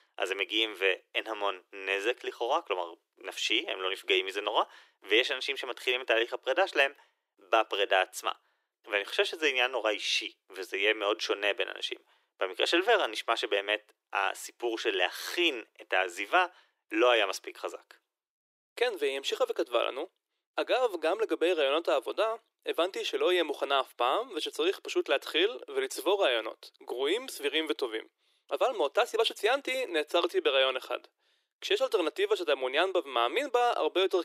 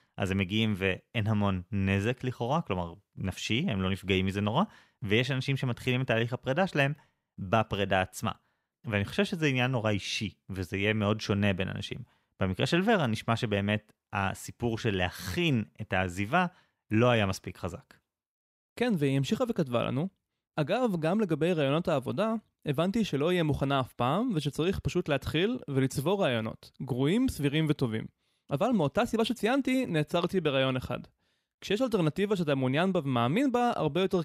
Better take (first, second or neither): second